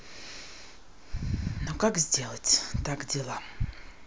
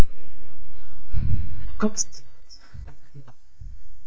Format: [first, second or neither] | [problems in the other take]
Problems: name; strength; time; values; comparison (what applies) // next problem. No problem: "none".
first | noise reduction (neural mask model DeepFilterNet 3)